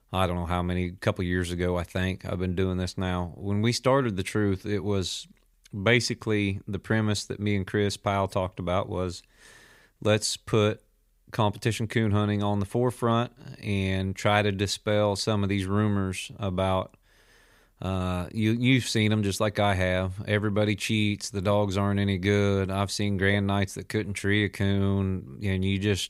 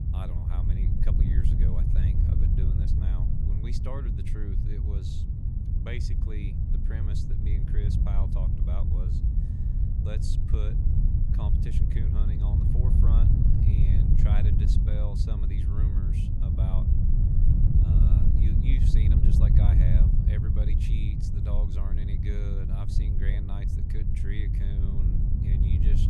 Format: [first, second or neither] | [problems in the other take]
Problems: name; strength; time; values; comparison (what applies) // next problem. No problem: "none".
first | wind noise on the microphone; heavy; 4 dB above the speech